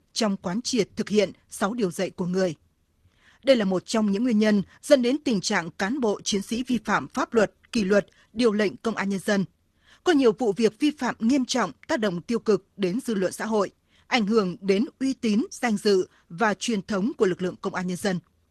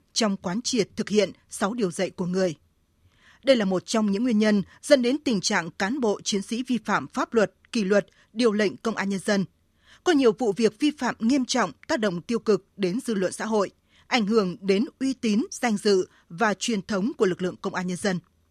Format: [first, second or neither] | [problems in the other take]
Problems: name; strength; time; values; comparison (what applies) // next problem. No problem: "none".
second | garbled, watery; slightly; nothing above 12 kHz